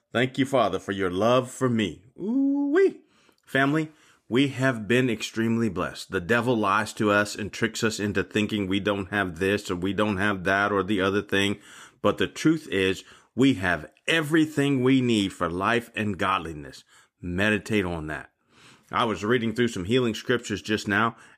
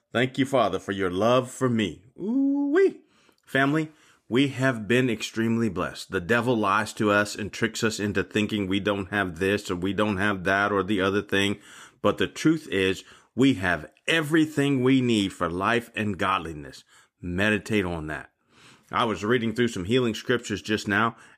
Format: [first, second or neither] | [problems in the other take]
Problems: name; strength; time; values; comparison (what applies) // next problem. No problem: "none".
neither | none